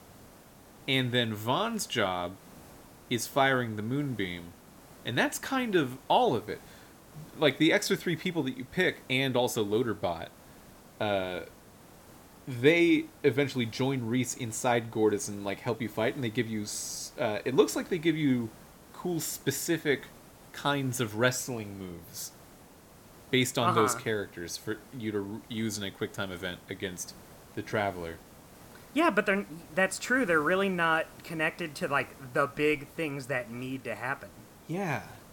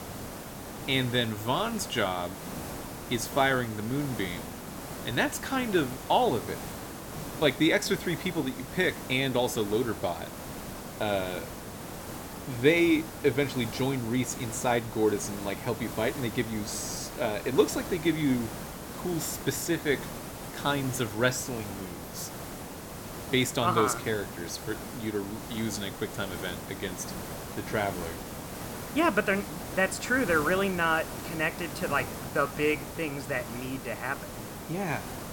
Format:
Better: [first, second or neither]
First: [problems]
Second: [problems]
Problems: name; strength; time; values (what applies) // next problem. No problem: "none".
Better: first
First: hiss; faint; throughout; 25 dB below the speech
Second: hiss; loud; throughout; 10 dB below the speech